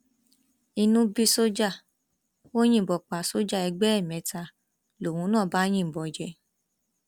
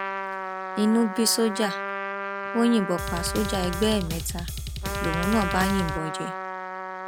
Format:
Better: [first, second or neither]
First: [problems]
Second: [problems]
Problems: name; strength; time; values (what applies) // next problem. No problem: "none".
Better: first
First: none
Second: background sound (Drum kit + Trumpet); 4 dB below the speech